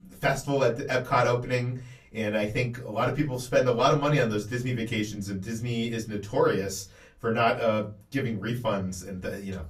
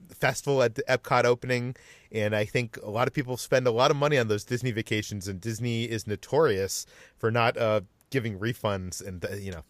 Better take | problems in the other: second | off-mic speech; far // room echo; very slight; dies away in 0.3 s

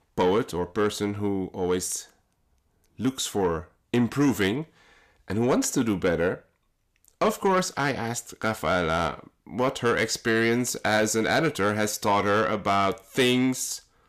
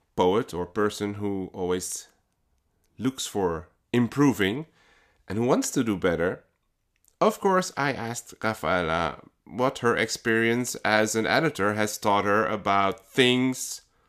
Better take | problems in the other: second | distortion; slight; 10 dB below the speech

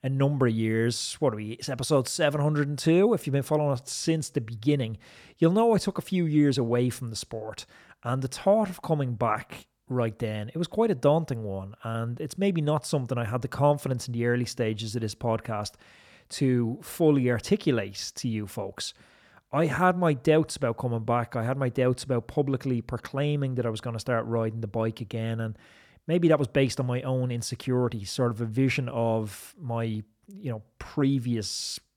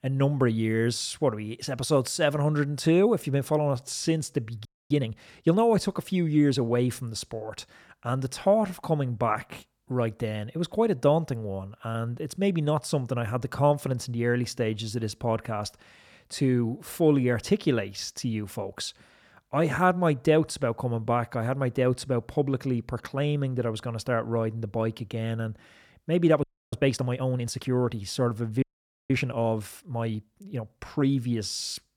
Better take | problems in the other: first | audio freezing; at 4.5 s, at 26 s and at 29 s

